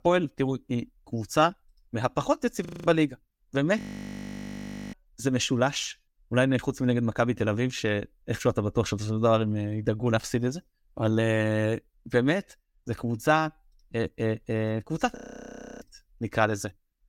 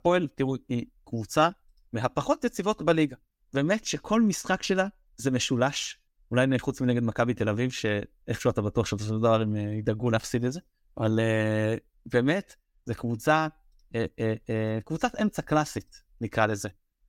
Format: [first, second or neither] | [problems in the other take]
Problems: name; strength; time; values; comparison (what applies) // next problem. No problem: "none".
second | audio freezing; at 2.5 s, at 4 s for 1 s and at 15 s for 0.5 s